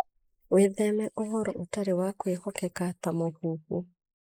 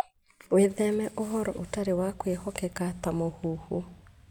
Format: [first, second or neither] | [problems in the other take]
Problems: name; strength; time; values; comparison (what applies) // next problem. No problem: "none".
second | noise reduction (neural mask model Resemble Enhance denoiser)